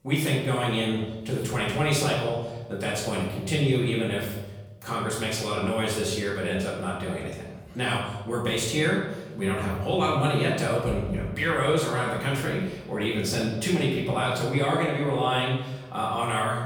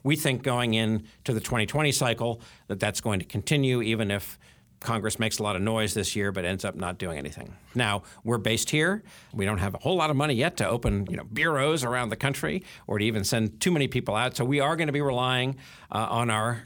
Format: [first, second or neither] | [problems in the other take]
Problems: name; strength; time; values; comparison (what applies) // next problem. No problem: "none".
second | off-mic speech; far // room echo; noticeable; dies away in 1 s